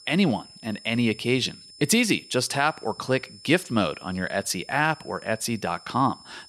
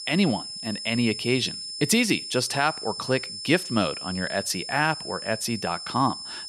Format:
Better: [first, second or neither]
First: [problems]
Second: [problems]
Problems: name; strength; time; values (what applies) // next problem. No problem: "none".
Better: first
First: high-pitched whine; faint; throughout; 5 kHz, 20 dB below the speech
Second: high-pitched whine; loud; throughout; 5 kHz, 7 dB below the speech